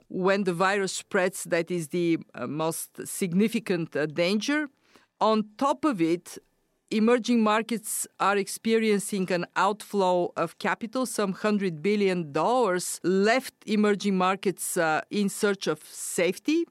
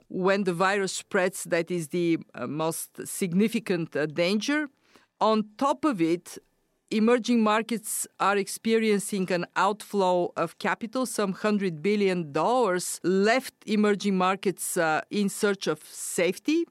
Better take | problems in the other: neither | none

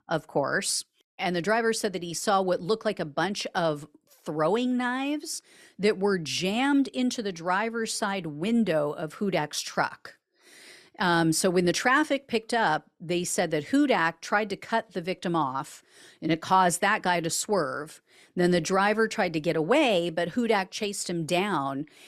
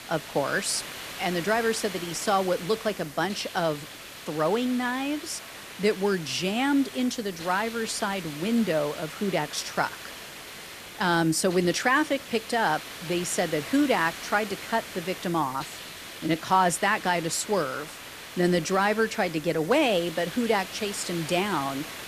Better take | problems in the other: first | hiss; noticeable; throughout; 10 dB below the speech

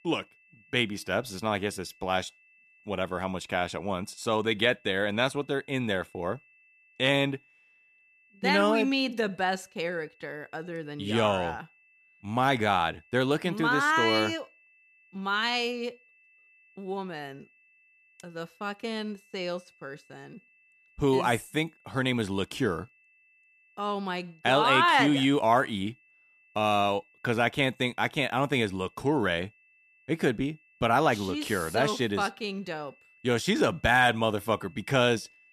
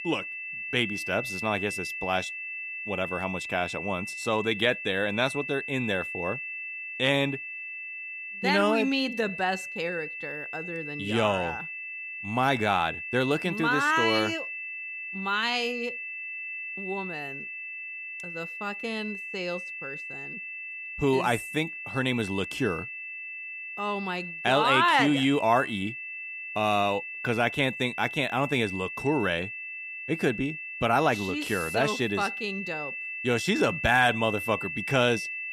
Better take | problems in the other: first | high-pitched whine; loud; throughout; 2.5 kHz, 7 dB below the speech; faint in the first

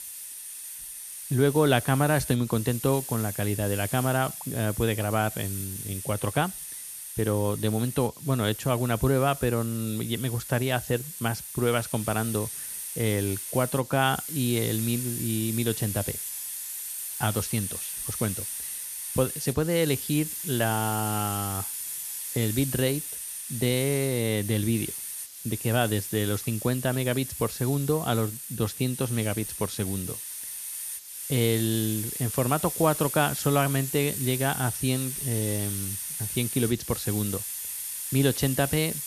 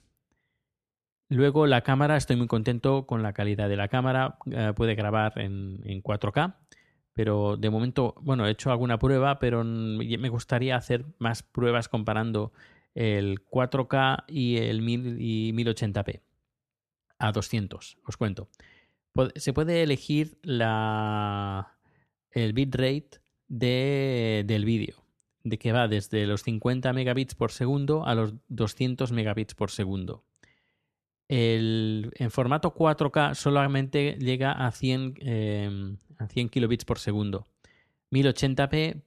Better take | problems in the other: second | hiss; loud; throughout; 5 dB below the speech

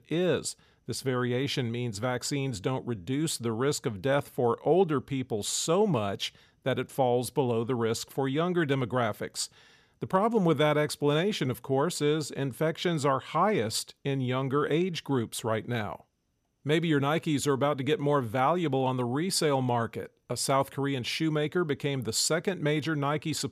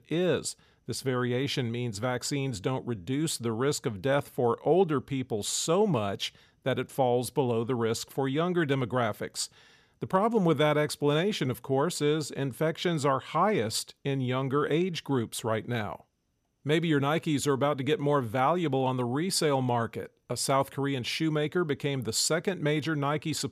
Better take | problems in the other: neither | none

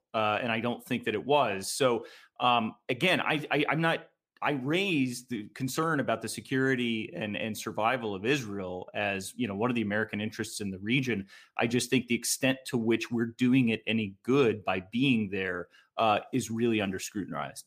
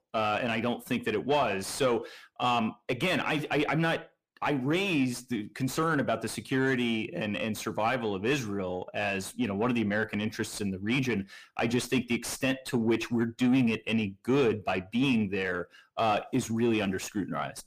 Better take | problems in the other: first | distortion; slight; 10 dB below the speech

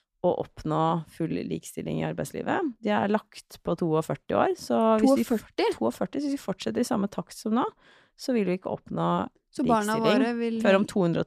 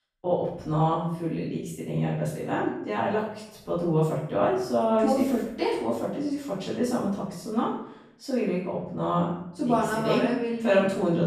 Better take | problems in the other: first | off-mic speech; far // room echo; noticeable; dies away in 0.7 s

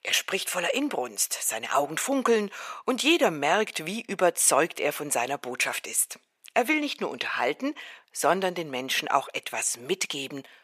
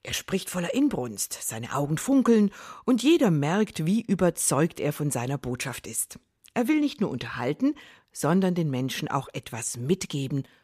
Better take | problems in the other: second | thin; somewhat; fading below 500 Hz

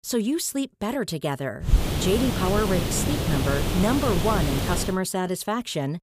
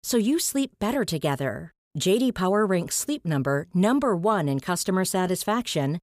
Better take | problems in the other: second | hiss; loud; from 1.5 to 5 s; as loud as the speech

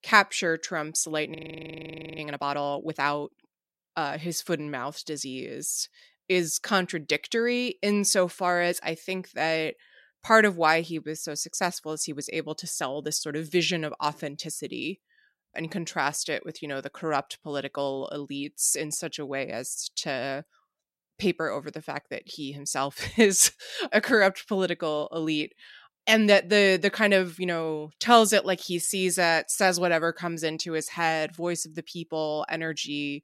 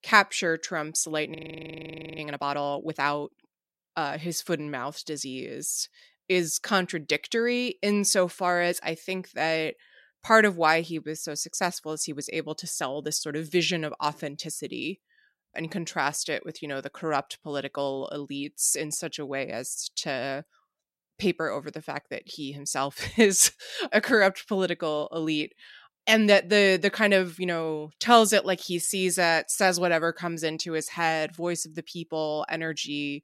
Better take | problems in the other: neither | audio freezing; at 1.5 s for 1 s; the same in both

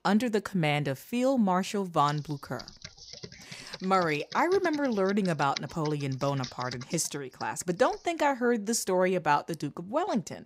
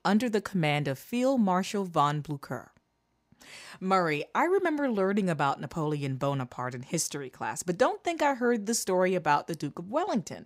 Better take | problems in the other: second | keyboard typing; noticeable; from 2 to 8 s; peak 10 dB below the speech

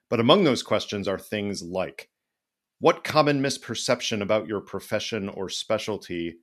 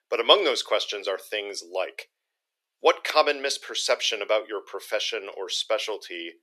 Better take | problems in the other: first | thin; very; fading below 400 Hz

